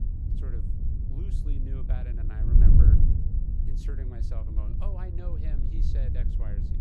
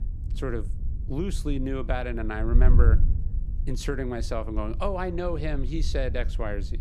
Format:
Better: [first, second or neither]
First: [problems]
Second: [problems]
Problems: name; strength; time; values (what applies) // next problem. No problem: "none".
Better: second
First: wind noise on the microphone; heavy; 4 dB above the speech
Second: wind noise on the microphone; occasional gusts; 15 dB below the speech